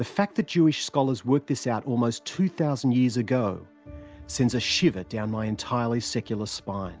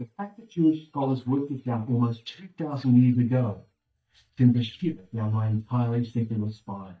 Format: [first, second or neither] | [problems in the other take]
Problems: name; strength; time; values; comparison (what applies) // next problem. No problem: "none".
first | noise reduction (neural mask model DeepFilterNet 3)